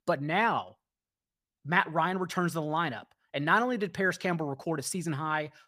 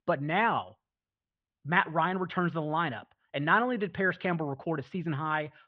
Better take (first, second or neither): first